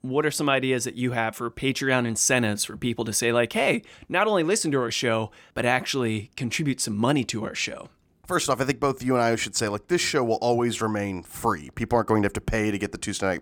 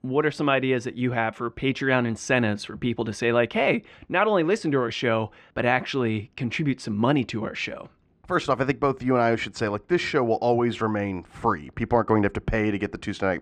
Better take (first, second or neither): first